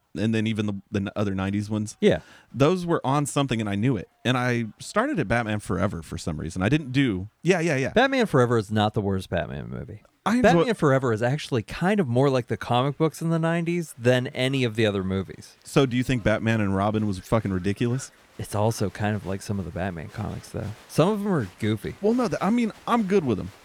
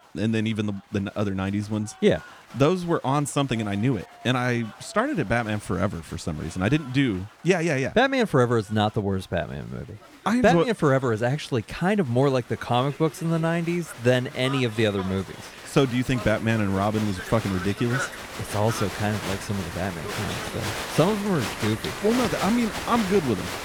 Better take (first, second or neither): first